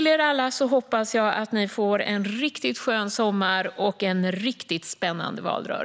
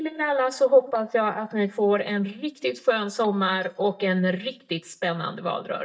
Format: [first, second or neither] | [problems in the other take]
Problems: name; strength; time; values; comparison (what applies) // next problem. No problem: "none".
first | noise reduction (neural mask model DeepFilterNet 3)